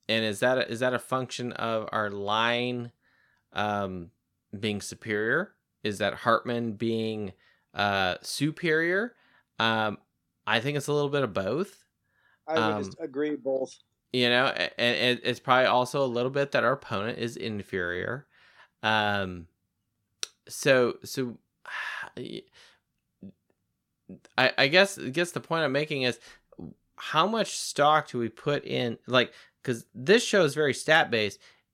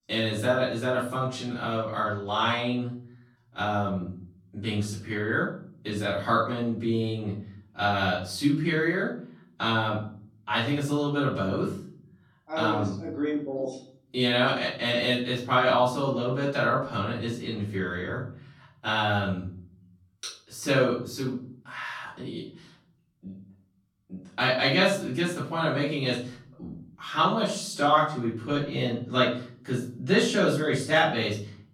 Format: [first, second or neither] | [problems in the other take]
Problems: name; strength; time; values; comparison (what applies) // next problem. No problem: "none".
first | off-mic speech; far // room echo; noticeable; dies away in 0.6 s